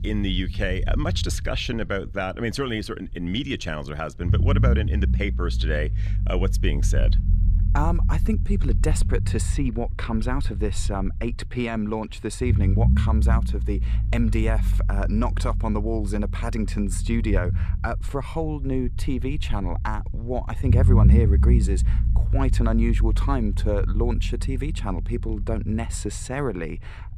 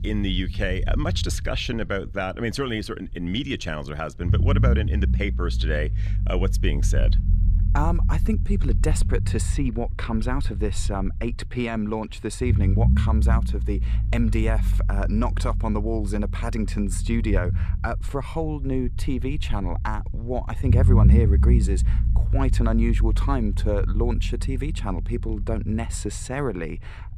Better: neither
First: low rumble; loud; throughout; 10 dB below the speech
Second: low rumble; loud; throughout; 10 dB below the speech

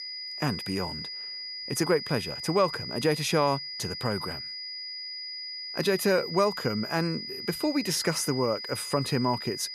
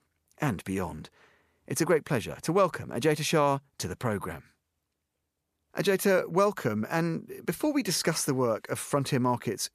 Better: second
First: high-pitched whine; loud; throughout; 5 kHz, 6 dB below the speech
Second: none

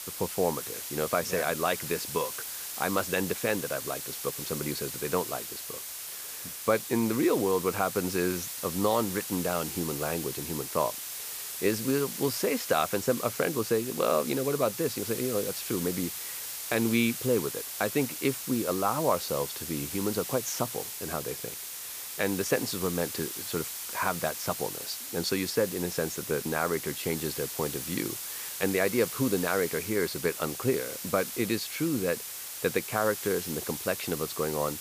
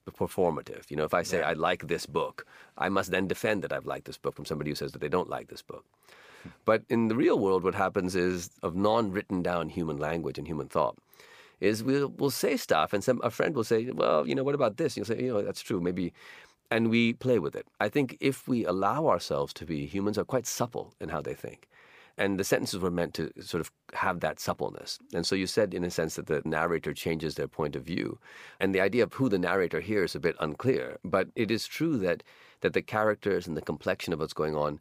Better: second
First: hiss; loud; throughout; 5 dB below the speech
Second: none

